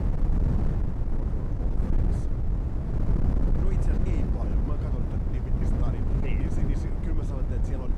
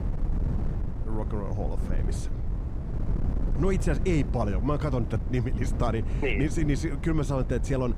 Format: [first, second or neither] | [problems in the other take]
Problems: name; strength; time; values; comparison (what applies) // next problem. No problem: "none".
second | wind noise on the microphone; heavy; 5 dB above the speech; occasional gusts in the second